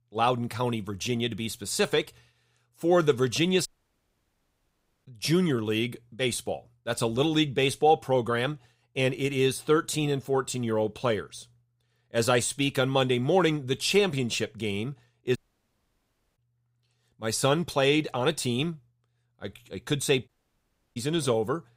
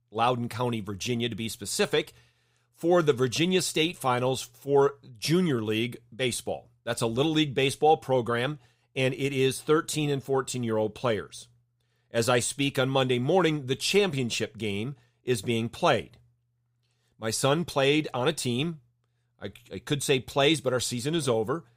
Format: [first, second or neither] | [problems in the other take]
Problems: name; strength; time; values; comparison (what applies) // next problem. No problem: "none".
second | audio cutting out; at 3.5 s for 1.5 s, at 15 s for 1 s and at 20 s for 0.5 s